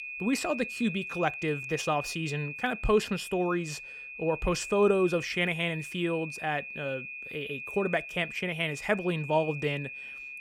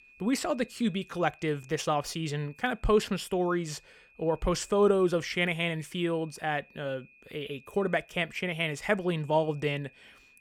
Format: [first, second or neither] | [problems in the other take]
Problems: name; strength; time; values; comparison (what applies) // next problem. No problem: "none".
second | high-pitched whine; loud; throughout; 2.5 kHz, 8 dB below the speech; faint in the second